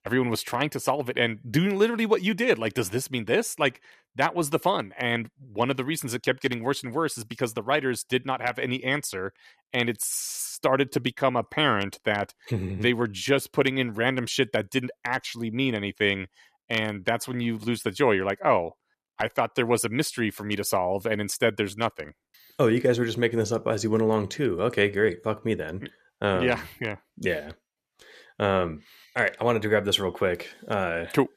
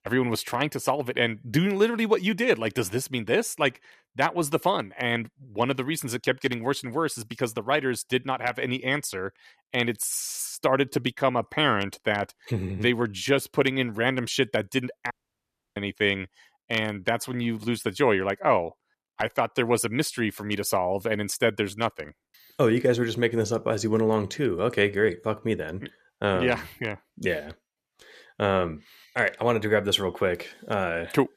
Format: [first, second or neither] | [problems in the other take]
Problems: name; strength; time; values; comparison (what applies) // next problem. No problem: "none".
first | audio cutting out; at 15 s for 0.5 s